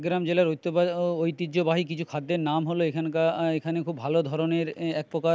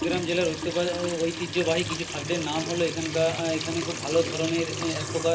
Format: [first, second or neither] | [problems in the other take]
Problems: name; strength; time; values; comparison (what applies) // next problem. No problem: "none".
first | background sound (Trickle, dribble / Sink (filling or washing) / Water tap, faucet); 6 dB below the speech // room echo; dies away in 0.2 s